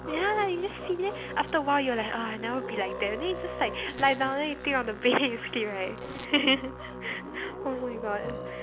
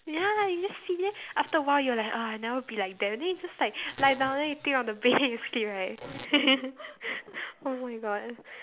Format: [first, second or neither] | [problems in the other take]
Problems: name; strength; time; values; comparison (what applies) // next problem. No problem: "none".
second | background sound (Musical instrument); 9 dB below the speech